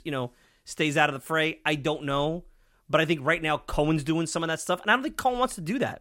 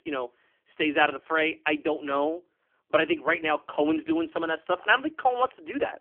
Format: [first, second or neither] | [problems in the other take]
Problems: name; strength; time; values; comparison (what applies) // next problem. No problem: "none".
first | phone-call audio; poor line; nothing above 3 kHz